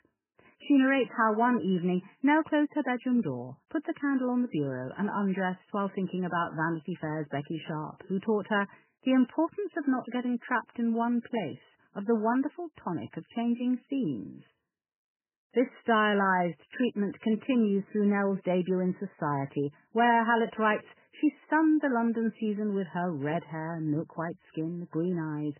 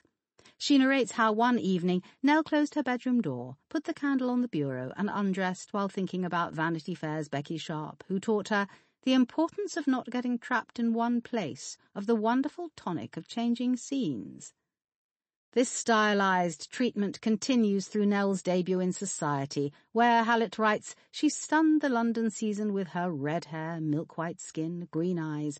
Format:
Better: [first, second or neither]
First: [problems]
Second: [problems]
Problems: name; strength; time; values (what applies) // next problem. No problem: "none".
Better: second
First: garbled, watery; badly; nothing above 3 kHz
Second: garbled, watery; slightly; nothing above 8 kHz